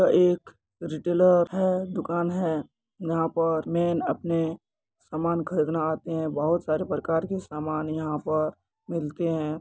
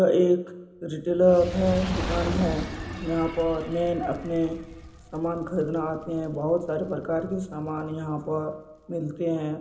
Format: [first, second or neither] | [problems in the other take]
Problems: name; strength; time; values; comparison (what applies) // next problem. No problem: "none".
first | background sound (Fire); 11 dB below the speech // room echo; dies away in 0.8 s